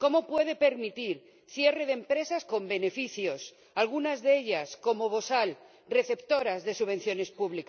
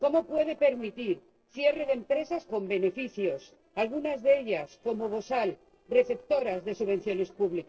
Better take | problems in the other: first | noise reduction (neural separator model SepFormer DNS4)

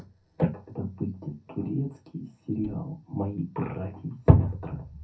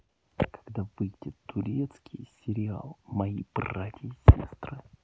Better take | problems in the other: second | background sound (Bowed string instrument); 20 dB below the speech // room echo; dies away in 0.3 s

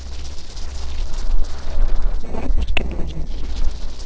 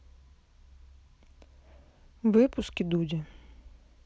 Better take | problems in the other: second | noise reduction (neural separator model SepFormer DNS4)

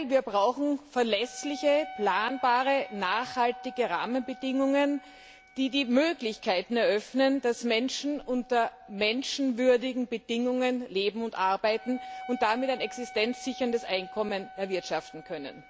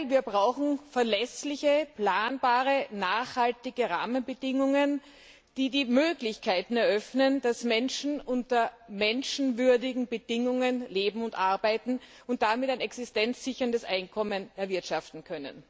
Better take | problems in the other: second | background sound (Wind instrument, woodwind instrument); 18 dB below the speech

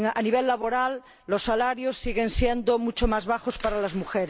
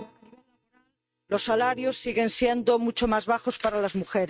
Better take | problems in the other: first | noise reduction (neural mask model RNNoise)

